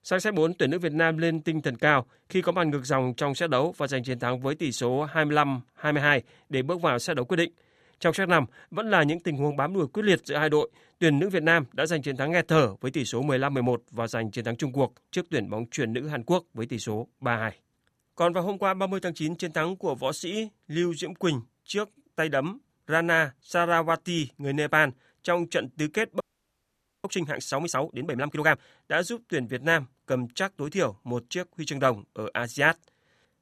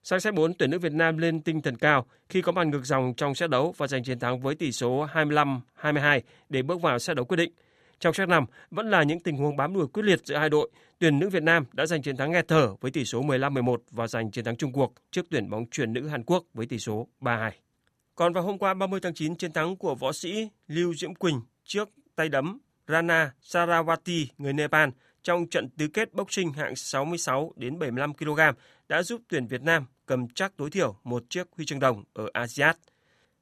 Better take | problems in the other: second | audio freezing; at 26 s for 1 s

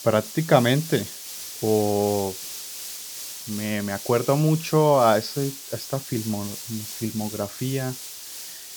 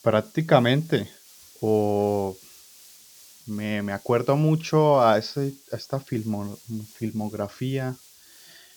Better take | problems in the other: second | hiss; loud; throughout; 10 dB below the speech; faint in the second

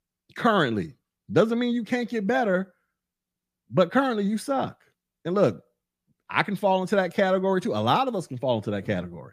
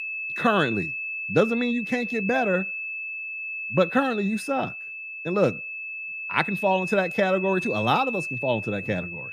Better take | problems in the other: first | high-pitched whine; loud; throughout; 2.5 kHz, 5 dB below the speech

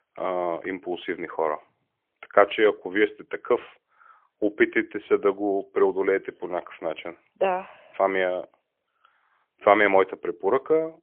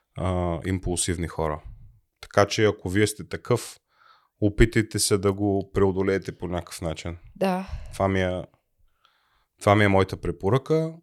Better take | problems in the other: second | phone-call audio; poor line; nothing above 3.5 kHz

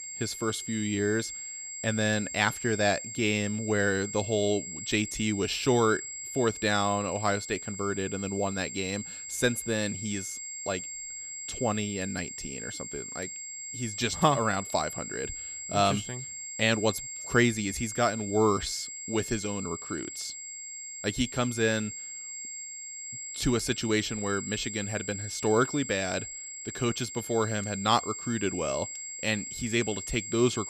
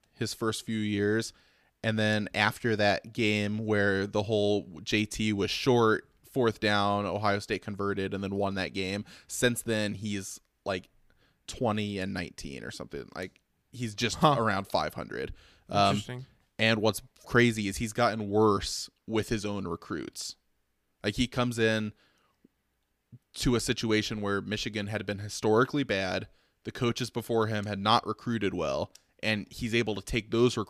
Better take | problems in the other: second | high-pitched whine; loud; throughout; 7.5 kHz, 7 dB below the speech

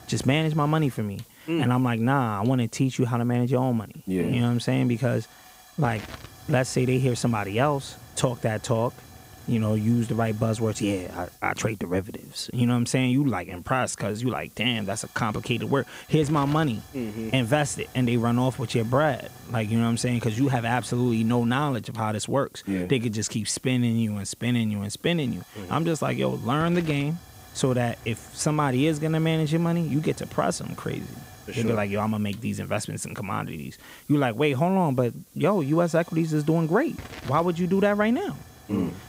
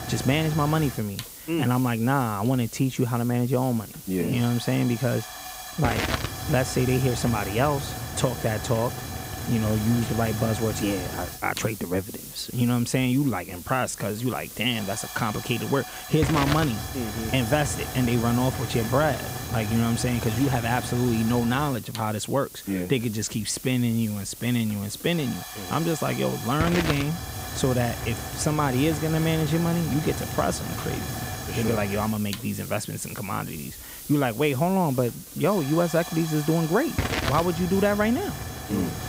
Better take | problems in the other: first | hiss; loud; throughout; 8 dB below the speech; faint in the first

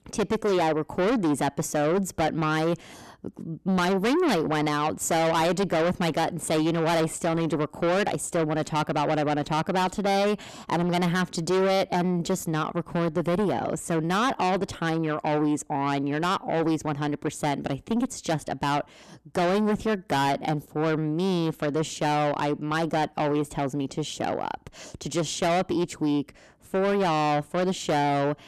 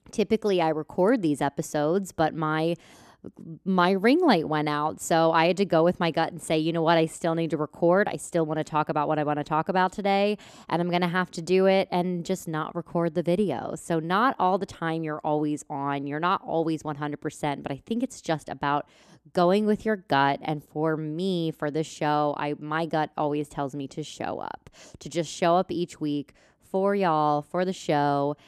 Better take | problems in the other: second | distortion; heavy; 6 dB below the speech

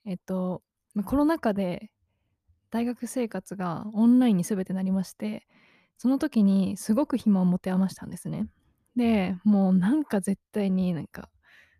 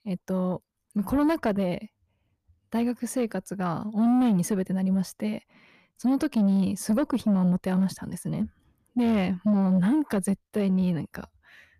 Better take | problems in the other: first | distortion; slight; 10 dB below the speech

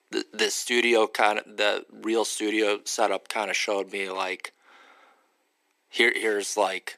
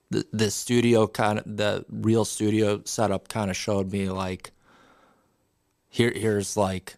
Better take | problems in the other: second | thin; very; fading below 300 Hz

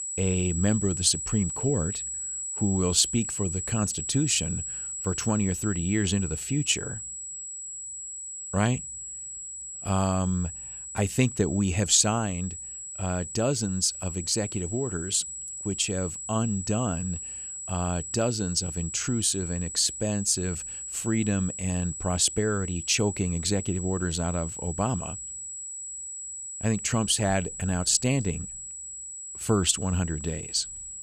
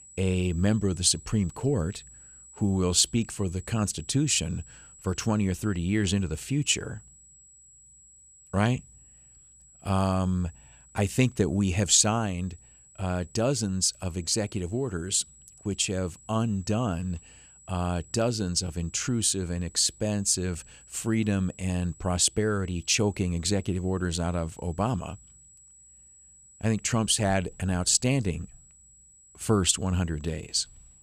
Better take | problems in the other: second | high-pitched whine; loud; throughout; 8 kHz, 7 dB below the speech; faint in the second

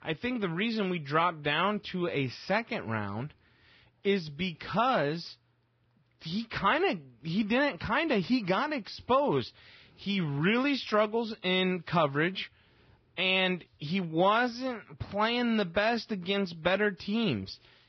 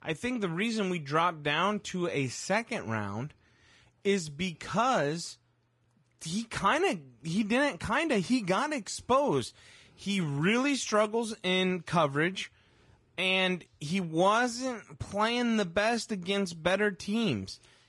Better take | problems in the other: second | garbled, watery; badly; nothing above 5.5 kHz; slightly in the second

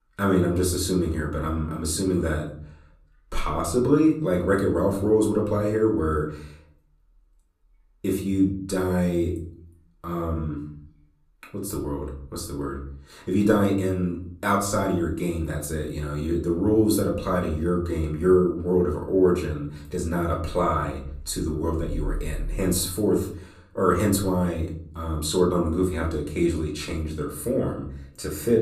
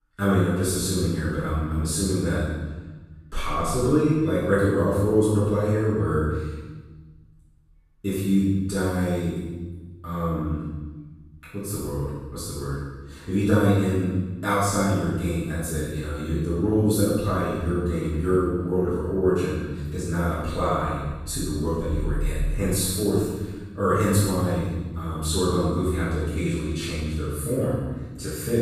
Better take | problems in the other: first | room echo; strong; dies away in 1.1 s; slight in the first // off-mic speech; far; far in the first

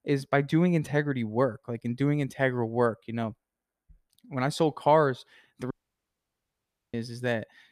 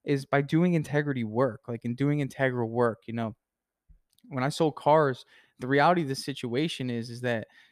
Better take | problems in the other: second | audio cutting out; at 5.5 s for 1 s

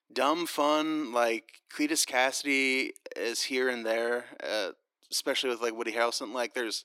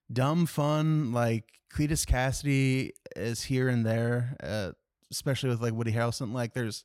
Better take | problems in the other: second | thin; somewhat; fading below 300 Hz

